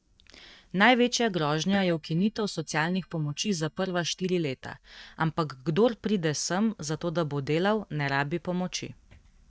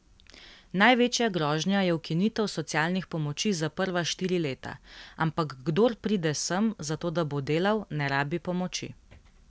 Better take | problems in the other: second | noise reduction (neural mask model DeepFilterNet 3)

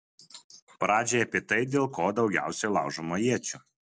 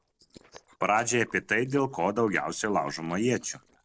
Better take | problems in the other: first | noise reduction (neural separator model SepFormer DNS4)

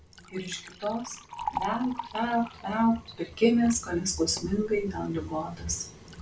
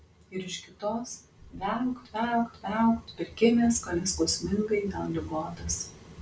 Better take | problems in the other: second | background sound (Liquid); 13 dB below the speech

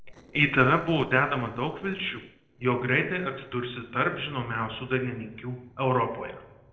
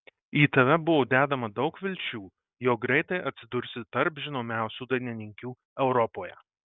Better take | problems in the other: second | noise reduction (neural separator model SepFormer DNS4)

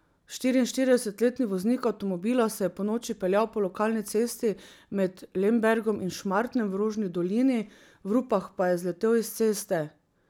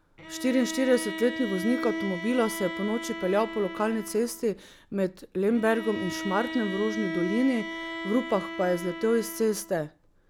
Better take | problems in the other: first | background sound (Bowed string instrument); 8 dB below the speech

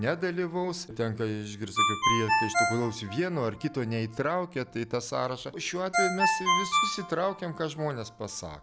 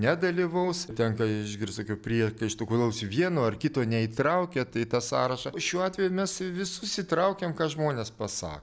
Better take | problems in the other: second | background sound (Ringtone); as loud as the speech

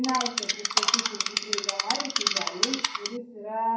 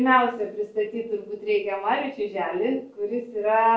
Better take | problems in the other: second | background sound (Insect); 4 dB above the speech // room echo; dies away in 0.2 s

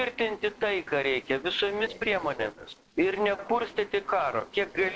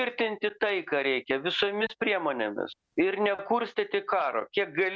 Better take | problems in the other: second | noise reduction (neural separator model SepFormer DNS4)

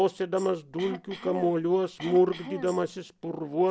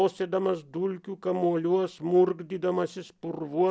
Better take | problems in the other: second | background sound (Cough + Tambourine); 15 dB below the speech

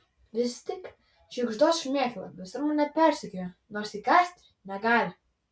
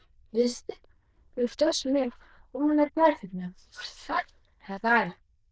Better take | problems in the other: first | noise reduction (neural diffusion model UNIVERSE++)

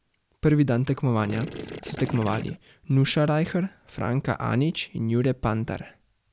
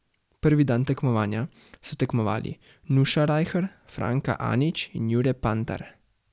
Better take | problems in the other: second | background sound (Gurgling / Liquid); 11 dB below the speech

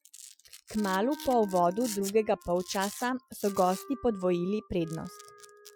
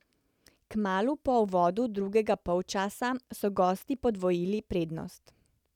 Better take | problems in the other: second | noise reduction (classical method Wiener filter)

